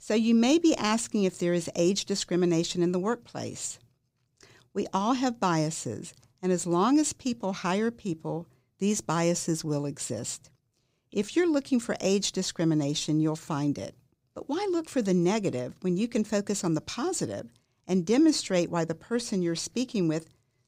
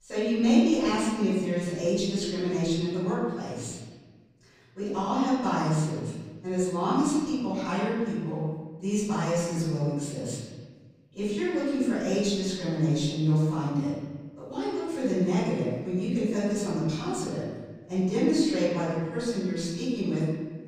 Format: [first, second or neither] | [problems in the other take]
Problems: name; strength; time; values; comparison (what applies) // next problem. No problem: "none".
first | room echo; strong; dies away in 1.4 s // off-mic speech; far